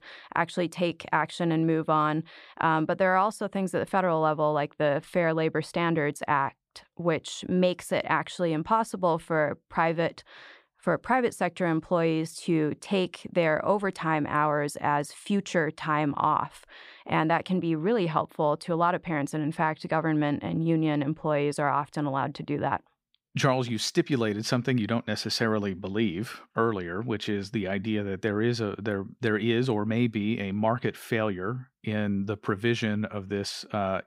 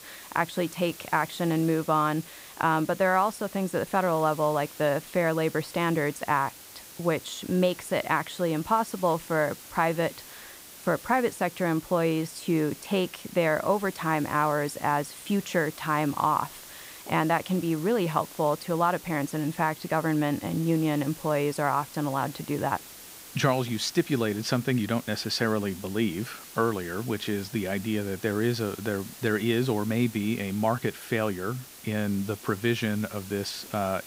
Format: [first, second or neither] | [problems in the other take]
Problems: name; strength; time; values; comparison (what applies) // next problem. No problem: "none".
first | hiss; noticeable; throughout; 15 dB below the speech